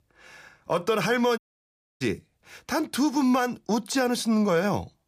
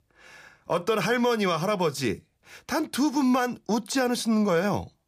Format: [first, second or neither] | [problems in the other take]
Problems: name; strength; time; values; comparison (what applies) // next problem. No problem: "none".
second | audio cutting out; at 1.5 s for 0.5 s